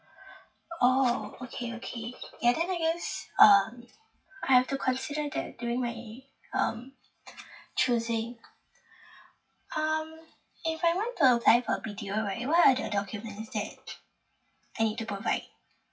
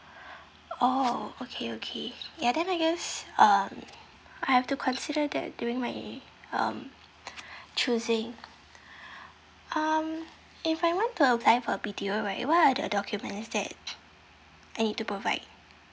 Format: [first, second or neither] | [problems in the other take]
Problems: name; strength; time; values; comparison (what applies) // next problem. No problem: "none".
second | noise reduction (classical method WPE with log-MMSE)